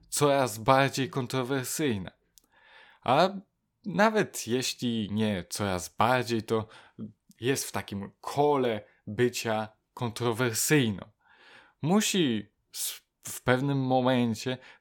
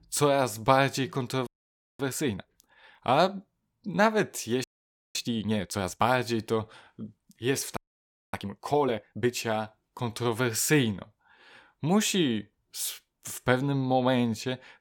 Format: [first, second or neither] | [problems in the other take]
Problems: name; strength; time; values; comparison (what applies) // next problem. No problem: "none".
first | audio freezing; at 1.5 s for 0.5 s, at 4.5 s for 0.5 s and at 8 s for 0.5 s